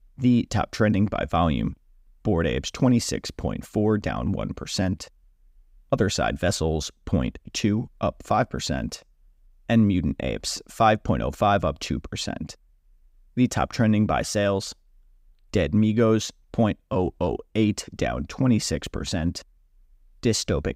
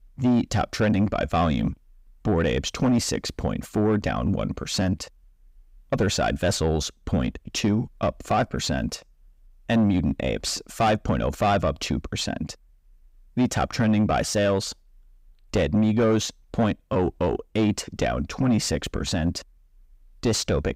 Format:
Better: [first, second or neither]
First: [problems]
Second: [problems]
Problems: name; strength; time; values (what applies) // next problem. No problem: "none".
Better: first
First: none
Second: distortion; slight; 10 dB below the speech